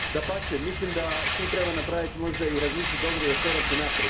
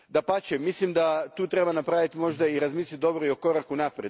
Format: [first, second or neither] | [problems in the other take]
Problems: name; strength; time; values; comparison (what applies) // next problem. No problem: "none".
second | background sound (Rattle); 1 dB above the speech // room echo; dies away in 1.2 s